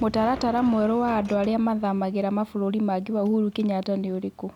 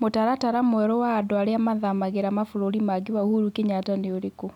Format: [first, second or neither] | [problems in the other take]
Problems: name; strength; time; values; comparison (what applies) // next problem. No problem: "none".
second | background sound (Gunshot, gunfire); 20 dB below the speech